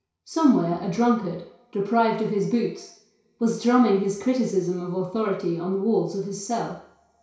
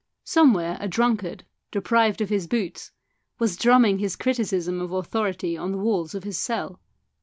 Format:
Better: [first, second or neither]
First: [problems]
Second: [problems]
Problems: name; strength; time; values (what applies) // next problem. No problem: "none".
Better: second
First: room echo; dies away in 0.6 s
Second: none